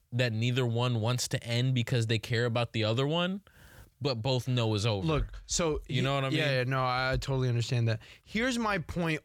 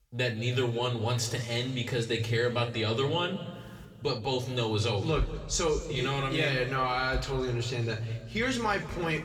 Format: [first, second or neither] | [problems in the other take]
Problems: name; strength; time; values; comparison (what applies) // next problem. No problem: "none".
first | room echo; slight; dies away in 1.8 s // off-mic speech; somewhat distant